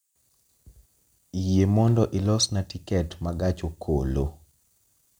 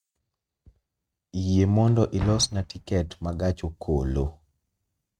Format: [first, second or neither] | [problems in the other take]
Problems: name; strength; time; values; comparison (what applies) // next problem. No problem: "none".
first | noise reduction (neural mask model RNNoise)